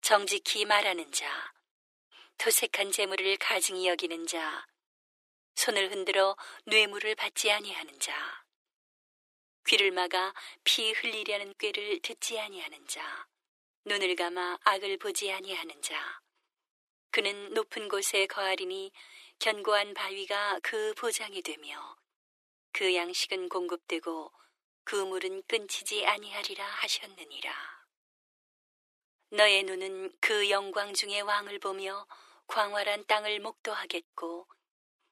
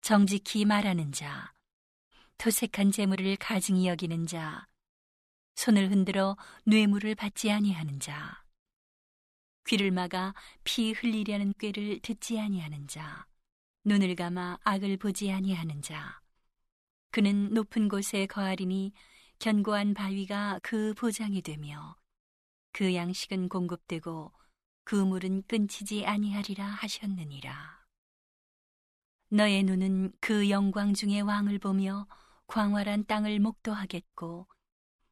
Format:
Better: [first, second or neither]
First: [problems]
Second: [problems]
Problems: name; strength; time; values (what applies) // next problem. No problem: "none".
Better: second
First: thin; very; fading below 350 Hz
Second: none